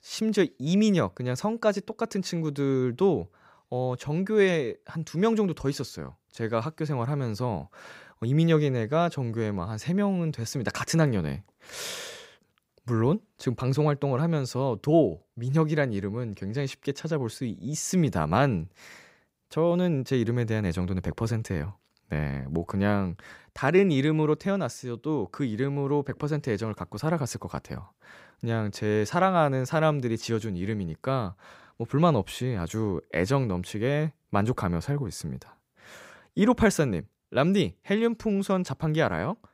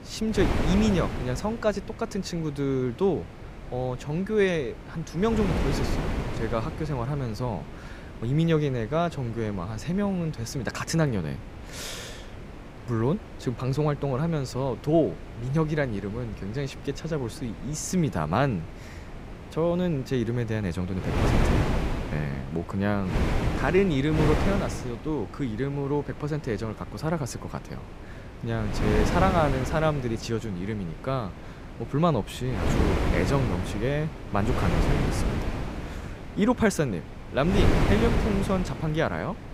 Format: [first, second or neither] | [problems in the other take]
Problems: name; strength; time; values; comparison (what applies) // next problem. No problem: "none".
first | wind noise on the microphone; heavy; 6 dB below the speech